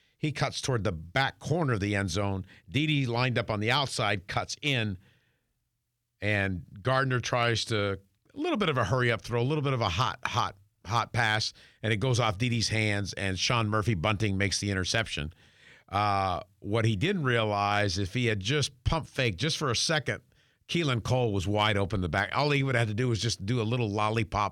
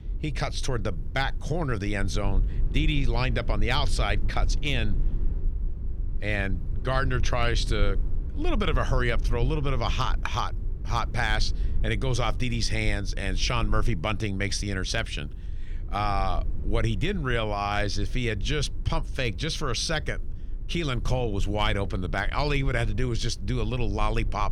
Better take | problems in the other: first | low rumble; faint; throughout; 20 dB below the speech

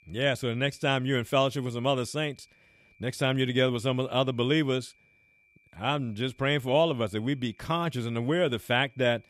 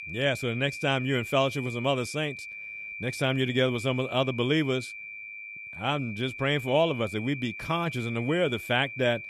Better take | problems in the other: first | high-pitched whine; loud; throughout; 2.5 kHz, 9 dB below the speech; faint in the first

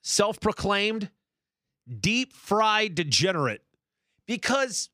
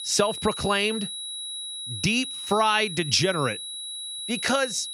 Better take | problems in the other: first | high-pitched whine; loud; throughout; 4 kHz, 7 dB below the speech

